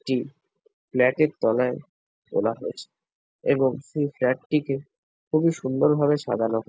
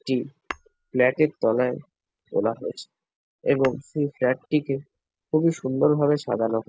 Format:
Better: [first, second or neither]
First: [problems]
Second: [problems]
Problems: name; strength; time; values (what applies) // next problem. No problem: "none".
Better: first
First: none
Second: background sound (Tap / Hammer); 20 dB below the speech